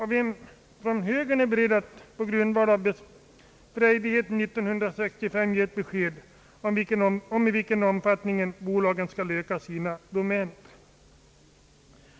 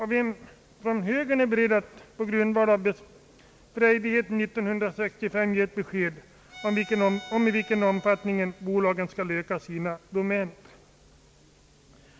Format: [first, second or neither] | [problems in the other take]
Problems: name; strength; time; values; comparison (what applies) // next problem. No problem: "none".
first | background sound (Bowed string instrument); 19 dB below the speech